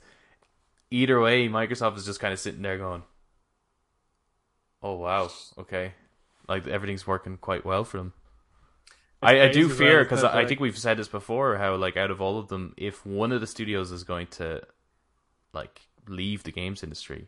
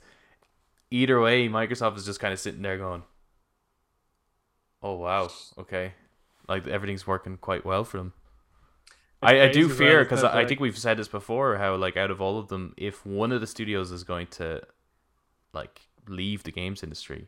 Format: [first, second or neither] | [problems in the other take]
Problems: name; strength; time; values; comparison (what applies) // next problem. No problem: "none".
second | garbled, watery; slightly; nothing above 9 kHz